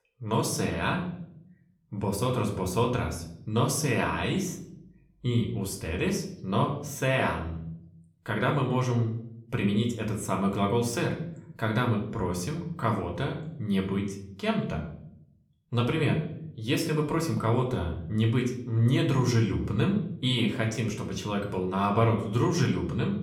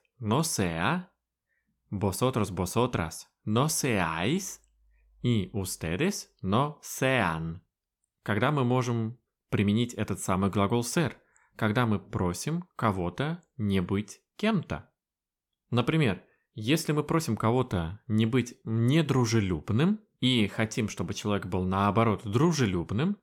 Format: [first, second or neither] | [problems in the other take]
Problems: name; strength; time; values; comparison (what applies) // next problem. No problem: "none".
second | room echo; slight; dies away in 0.6 s // off-mic speech; somewhat distant